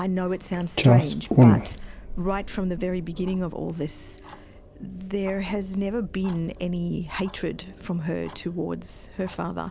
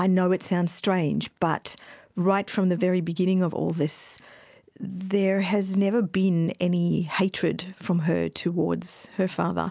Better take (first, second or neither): second